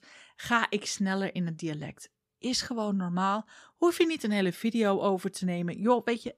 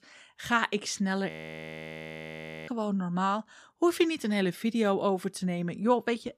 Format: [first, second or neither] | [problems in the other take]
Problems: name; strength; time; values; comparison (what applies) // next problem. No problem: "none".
first | audio freezing; at 1.5 s for 1.5 s